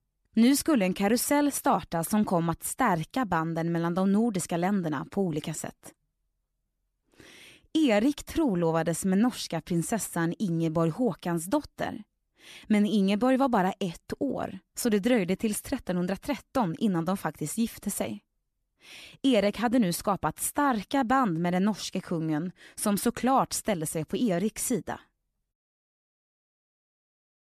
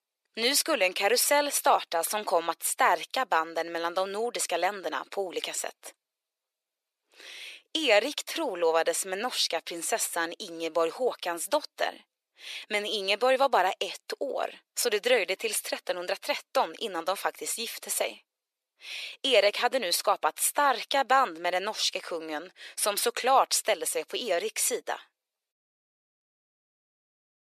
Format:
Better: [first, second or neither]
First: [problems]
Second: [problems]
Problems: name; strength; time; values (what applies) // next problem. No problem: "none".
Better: first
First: none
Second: thin; very; fading below 500 Hz